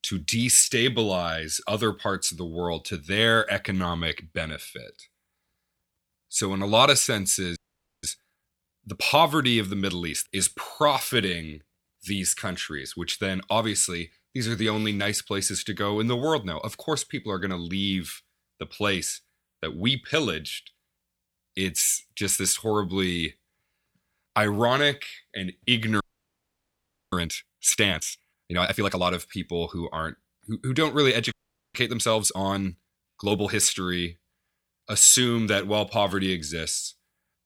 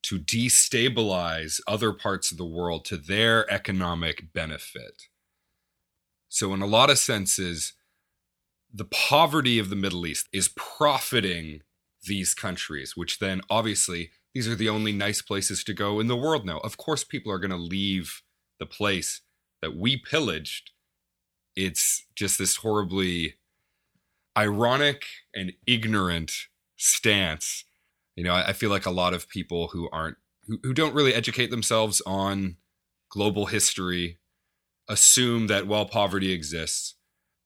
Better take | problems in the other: second | audio freezing; at 7.5 s, at 26 s for 1 s and at 31 s

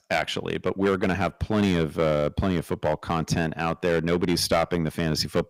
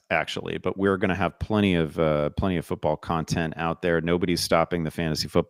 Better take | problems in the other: second | distortion; slight; 5% of the sound clipped

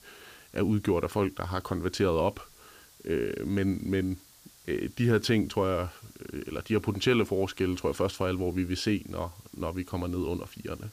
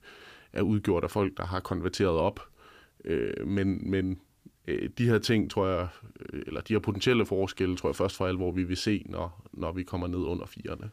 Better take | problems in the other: second | hiss; faint; throughout; 25 dB below the speech

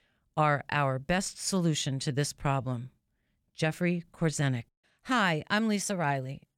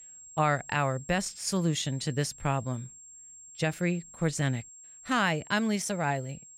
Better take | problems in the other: first | high-pitched whine; noticeable; throughout; 7.5 kHz, 15 dB below the speech

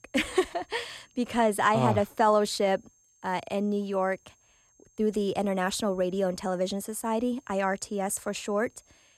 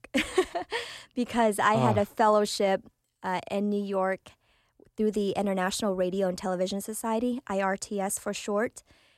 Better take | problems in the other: second | high-pitched whine; faint; throughout; 6.5 kHz, 35 dB below the speech

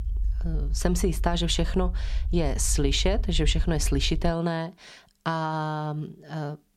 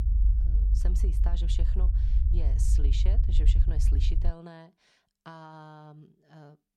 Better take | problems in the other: first | low rumble; loud; until 4.5 s; 2 dB below the speech; faint in the first

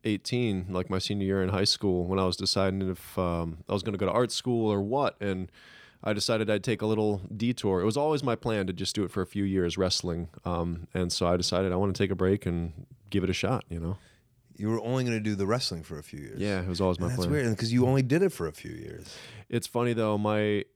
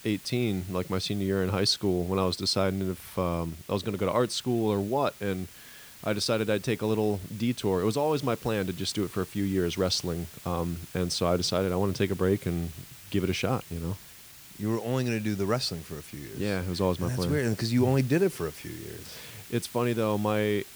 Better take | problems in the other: first | hiss; noticeable; throughout; 15 dB below the speech

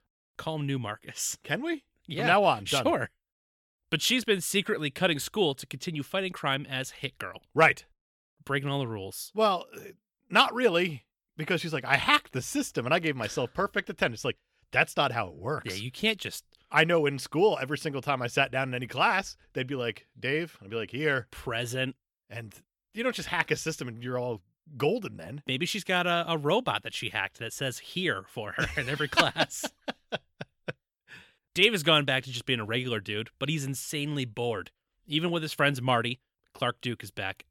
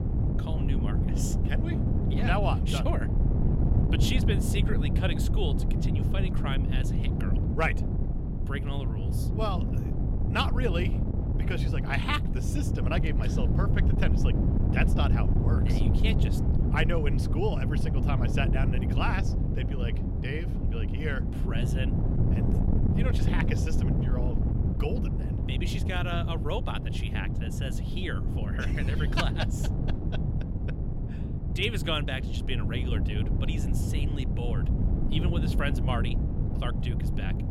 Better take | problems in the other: first | wind noise on the microphone; heavy; 4 dB below the speech

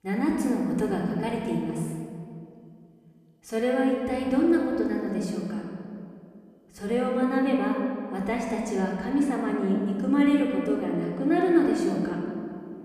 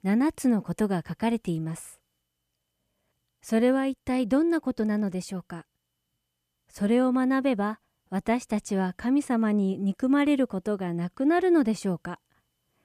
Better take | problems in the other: second | off-mic speech; somewhat distant // room echo; noticeable; dies away in 2 s

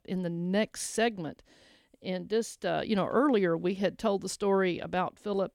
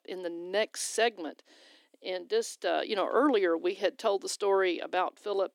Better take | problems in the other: first | thin; somewhat; fading below 300 Hz

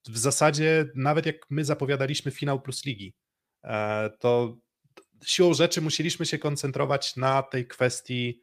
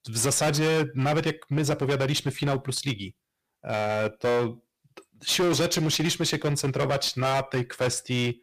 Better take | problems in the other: first | distortion; heavy; 17% of the sound clipped

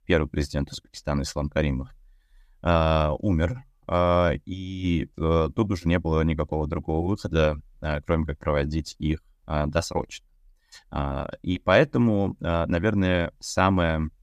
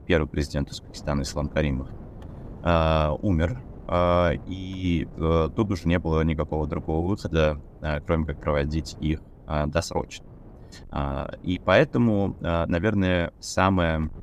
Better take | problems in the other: first | wind noise on the microphone; occasional gusts; 25 dB below the speech

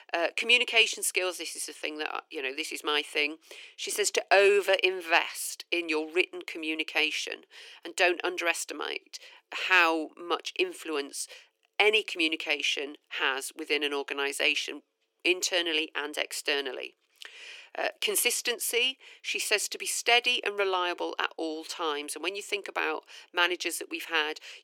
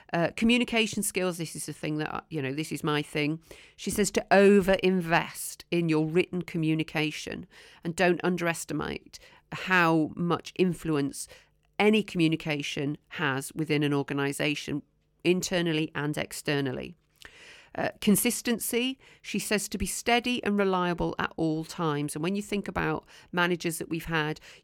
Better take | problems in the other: second | thin; very; fading below 350 Hz

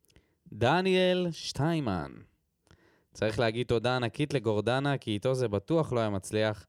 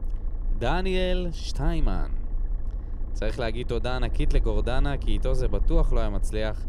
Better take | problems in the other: first | low rumble; noticeable; throughout; 20 dB below the speech

